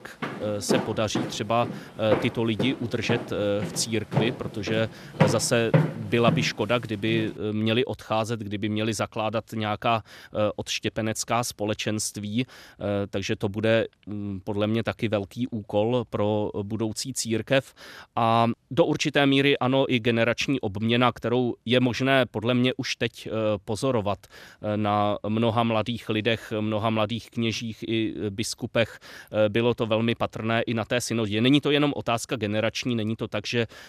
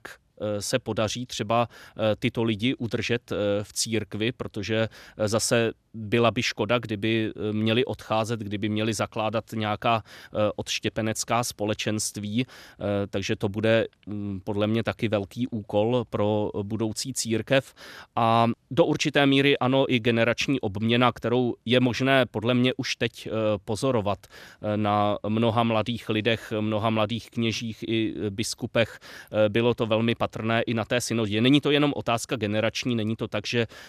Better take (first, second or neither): second